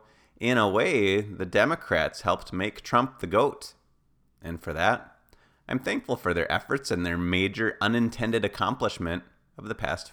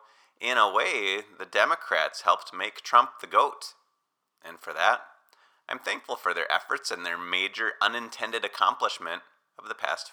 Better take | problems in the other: first | thin; very; fading below 750 Hz

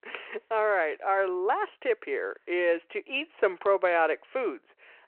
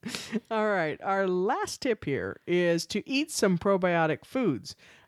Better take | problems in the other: second | phone-call audio

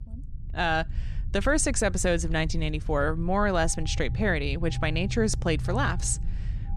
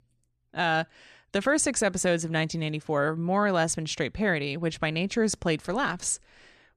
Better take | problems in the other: second | low rumble; faint; throughout; 20 dB below the speech

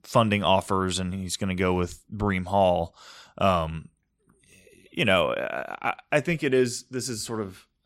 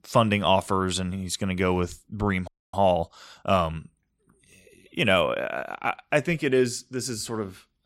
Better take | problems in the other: first | audio freezing; at 2.5 s

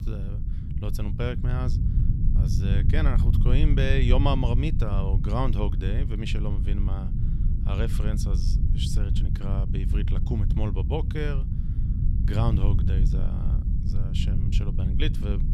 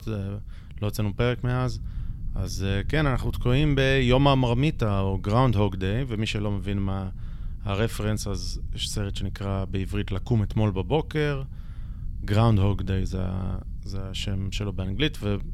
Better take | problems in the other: second | low rumble; loud; throughout; 6 dB below the speech; faint in the second

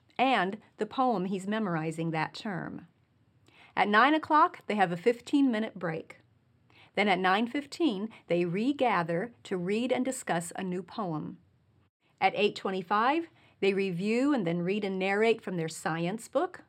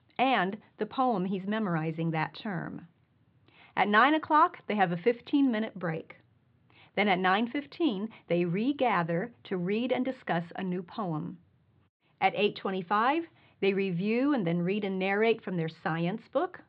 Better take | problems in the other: first | muffled; slightly; fading above 4 kHz

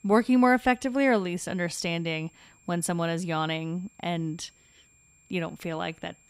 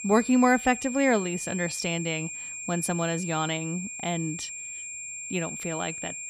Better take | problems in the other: first | high-pitched whine; loud; throughout; 7.5 kHz, 7 dB below the speech; faint in the first

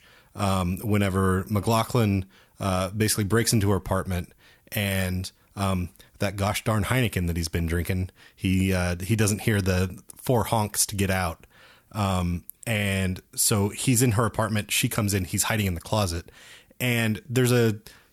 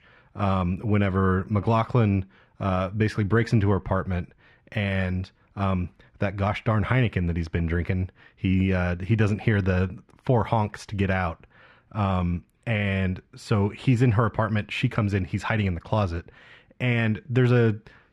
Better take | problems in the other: first | muffled; very; fading above 2 kHz

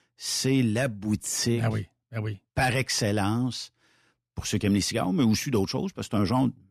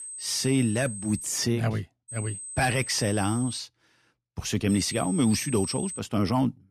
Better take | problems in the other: first | high-pitched whine; loud; until 1.5 s, from 2 to 3.5 s and from 4.5 to 6 s; 8 kHz, 9 dB below the speech

